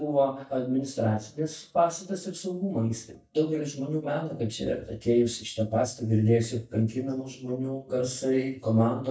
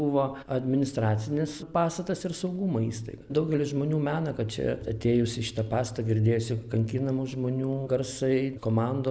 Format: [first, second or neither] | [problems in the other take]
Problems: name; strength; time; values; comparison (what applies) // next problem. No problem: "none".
second | noise reduction (neural mask model DeepFilterNet 3)